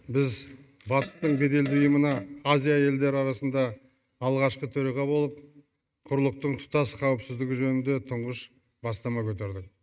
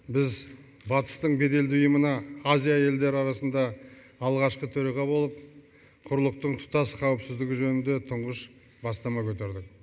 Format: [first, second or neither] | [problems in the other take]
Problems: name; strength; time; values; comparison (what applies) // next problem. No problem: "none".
second | noise reduction (neural mask model RNNoise)